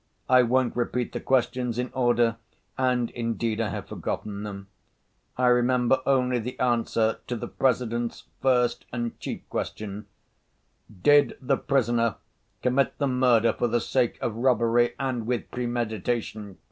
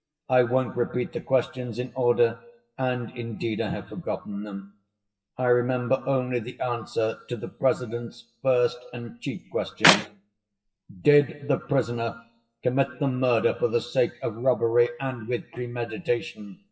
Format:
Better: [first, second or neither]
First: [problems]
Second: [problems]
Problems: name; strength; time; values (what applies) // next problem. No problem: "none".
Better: first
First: none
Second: noise reduction (classical method WPE with log-MMSE)